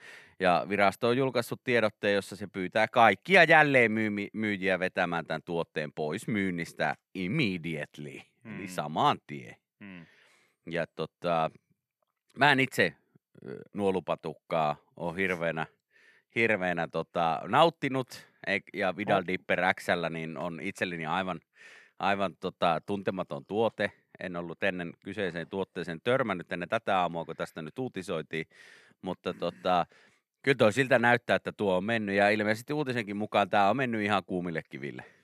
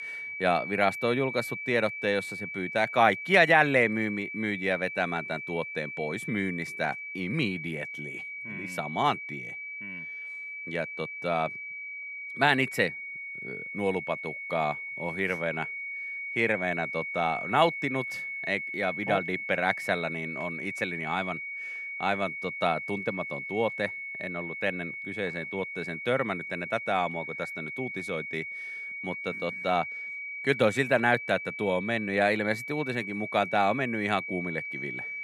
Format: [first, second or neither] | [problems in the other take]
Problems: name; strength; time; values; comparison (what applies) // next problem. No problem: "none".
first | high-pitched whine; loud; throughout; 2 kHz, 6 dB below the speech